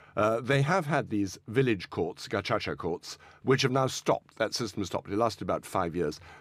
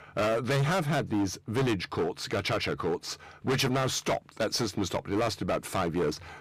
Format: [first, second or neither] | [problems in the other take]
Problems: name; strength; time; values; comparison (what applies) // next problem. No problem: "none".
first | distortion; heavy; 16% of the sound clipped